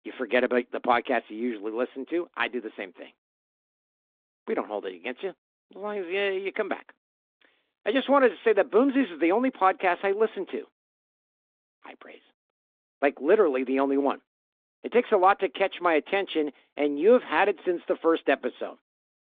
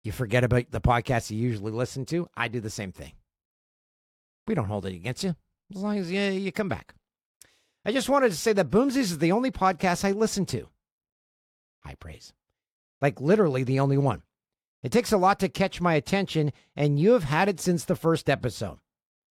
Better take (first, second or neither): second